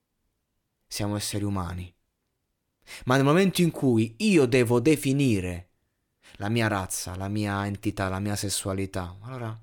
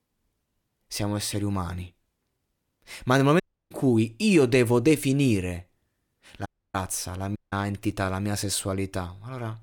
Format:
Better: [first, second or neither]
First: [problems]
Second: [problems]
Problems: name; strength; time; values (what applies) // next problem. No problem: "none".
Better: first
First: none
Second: audio cutting out; at 3.5 s, at 6.5 s and at 7.5 s